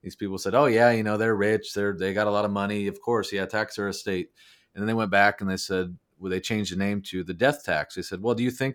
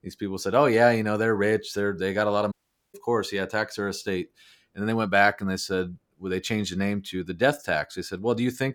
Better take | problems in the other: first | audio cutting out; at 2.5 s

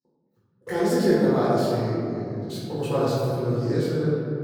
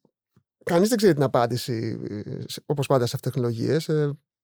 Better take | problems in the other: second | off-mic speech; far // room echo; strong; dies away in 2.6 s

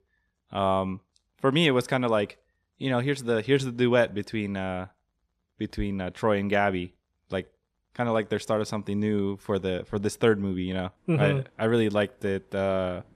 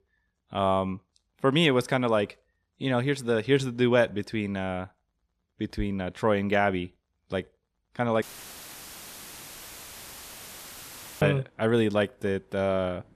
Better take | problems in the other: first | audio cutting out; filled with static; at 8 s for 3 s

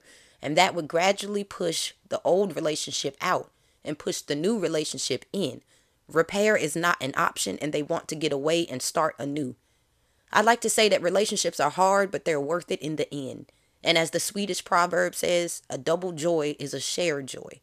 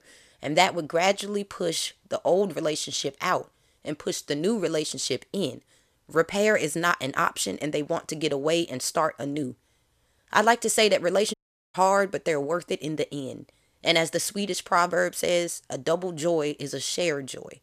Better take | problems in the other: first | audio cutting out; at 11 s

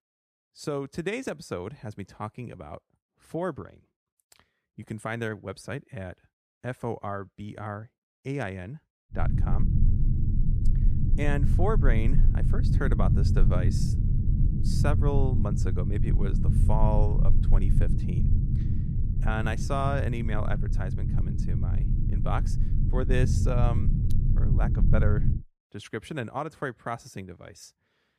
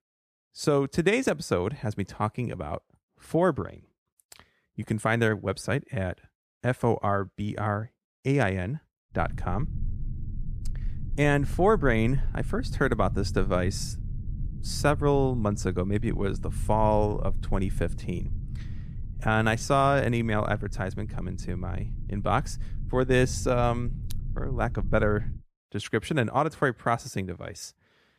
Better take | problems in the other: second | low rumble; loud; from 9 to 25 s; 6 dB below the speech; faint in the second

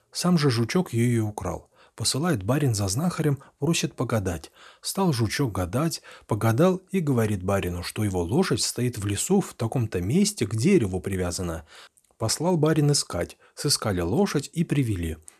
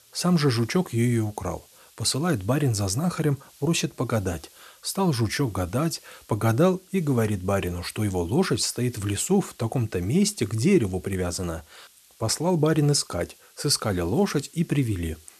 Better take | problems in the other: first | hiss; faint; throughout; 25 dB below the speech

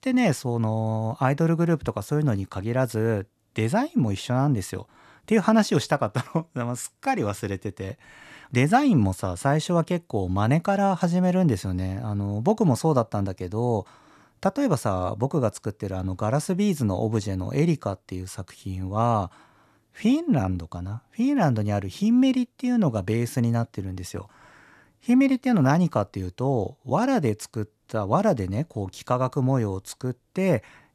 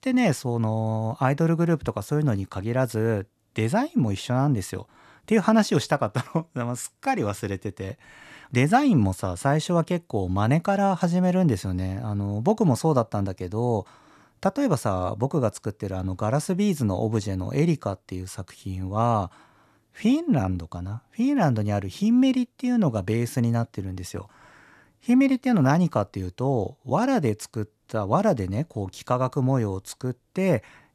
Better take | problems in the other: neither | none

